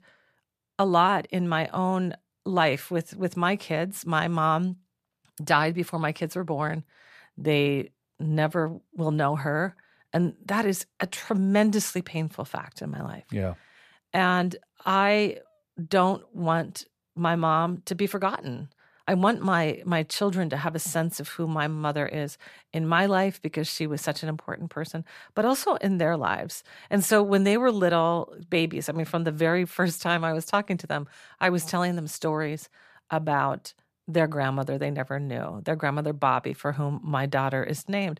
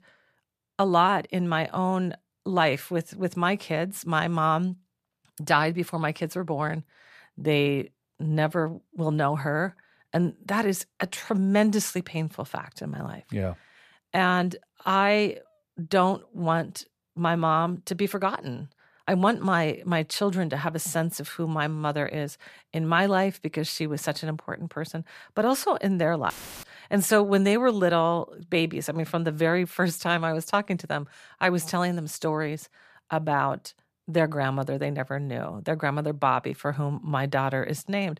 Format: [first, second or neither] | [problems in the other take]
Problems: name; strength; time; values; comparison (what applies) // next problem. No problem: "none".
first | audio cutting out; filled with static; at 26 s